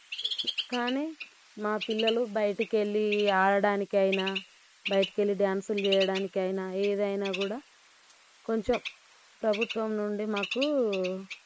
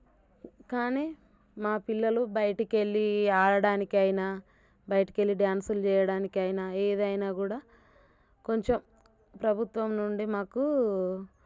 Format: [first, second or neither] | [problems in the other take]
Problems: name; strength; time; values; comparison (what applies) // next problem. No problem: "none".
second | noise reduction (neural mask model Resemble Enhance denoiser)